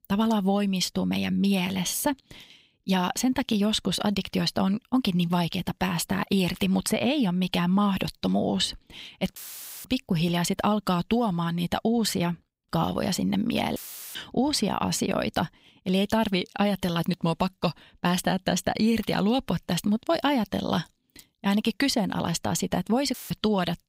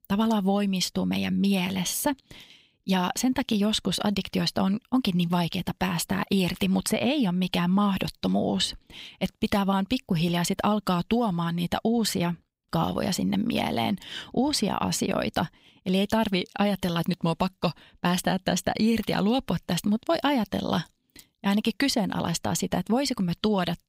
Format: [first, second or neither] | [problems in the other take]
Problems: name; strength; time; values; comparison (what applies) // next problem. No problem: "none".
second | audio cutting out; filled with static; at 9.5 s, at 14 s and at 23 s